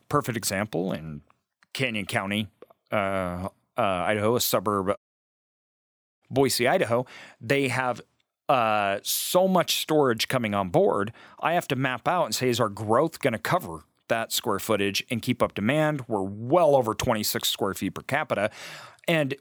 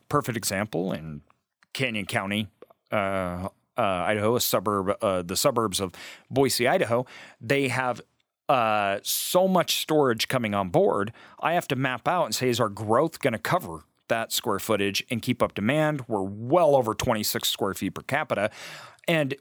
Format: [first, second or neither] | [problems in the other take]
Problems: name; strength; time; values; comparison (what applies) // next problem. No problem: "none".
second | audio cutting out; at 5 s for 1 s